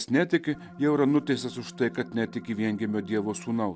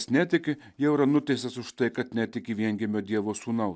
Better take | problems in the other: second | background sound (Organ); 18 dB below the speech

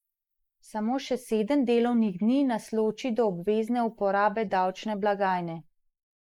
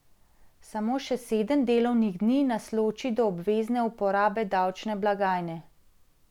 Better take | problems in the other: second | noise reduction (neural mask model Resemble Enhance denoiser)

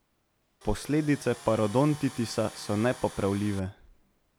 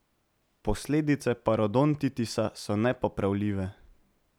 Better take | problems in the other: second | background sound (Tools); 17 dB below the speech

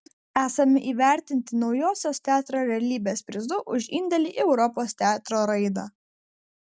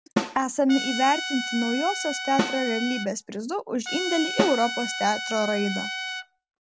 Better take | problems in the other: first | background sound (Trumpet + Snare drum); 4 dB below the speech

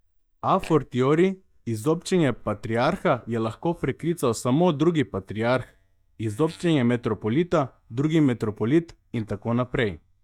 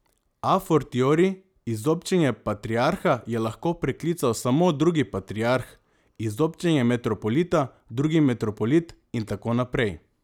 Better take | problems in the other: second | noise reduction (neural mask model DeepFilterNet 3)

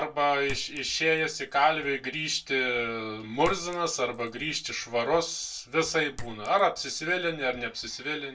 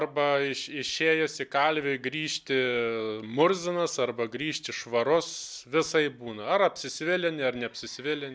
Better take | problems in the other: second | background sound (Chink, clink); 15 dB below the speech // room echo; dies away in 0.1 s

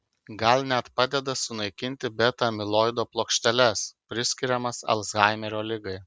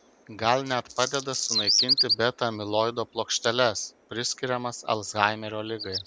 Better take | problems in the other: first | background sound (Bird vocalization, bird call, bird song); 4 dB below the speech

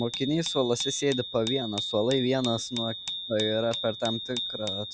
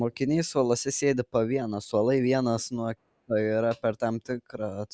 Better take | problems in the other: second | background sound (Bicycle bell); 6 dB below the speech

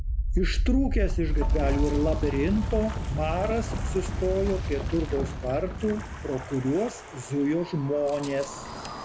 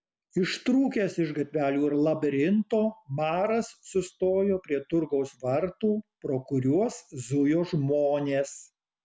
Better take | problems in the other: second | background sound (Wind); 1 dB below the speech

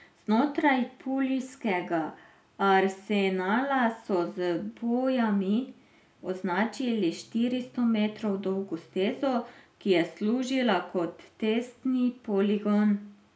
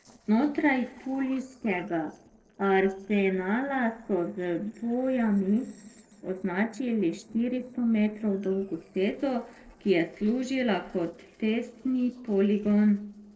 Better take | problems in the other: first | noise reduction (neural separator model SepFormer DNS4)

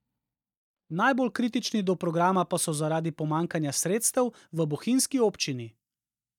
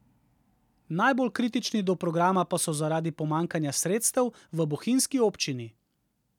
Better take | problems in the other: second | noise reduction (neural mask model DeepFilterNet 3)

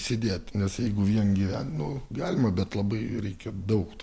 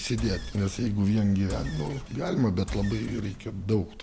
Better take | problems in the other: first | background sound (Engine); 11 dB below the speech

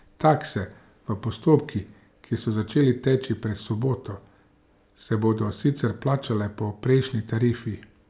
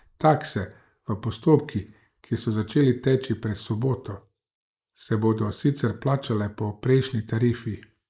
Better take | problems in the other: first | noise reduction (neural mask model Resemble Enhance denoiser)

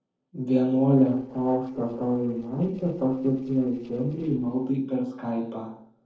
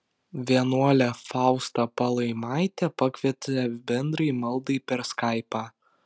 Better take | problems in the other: second | noise reduction (neural separator model SepFormer DNS4)

